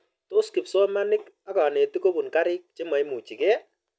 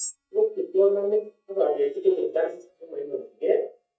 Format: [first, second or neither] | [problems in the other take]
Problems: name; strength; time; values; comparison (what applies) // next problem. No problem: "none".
first | noise reduction (neural mask model DeepFilterNet 3)